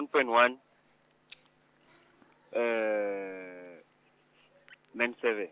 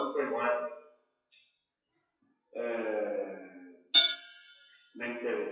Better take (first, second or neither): first